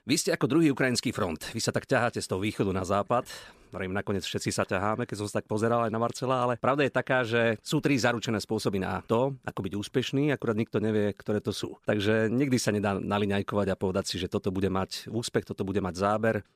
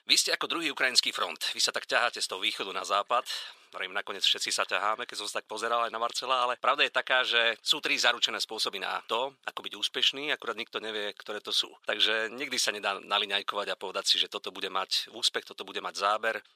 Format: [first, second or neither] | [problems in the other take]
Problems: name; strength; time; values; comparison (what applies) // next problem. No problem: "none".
first | thin; very; fading below 750 Hz